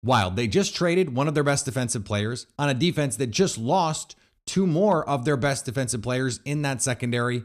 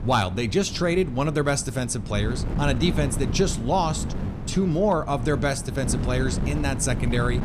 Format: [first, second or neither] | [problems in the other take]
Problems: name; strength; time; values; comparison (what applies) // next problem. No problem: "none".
first | wind noise on the microphone; occasional gusts; 10 dB below the speech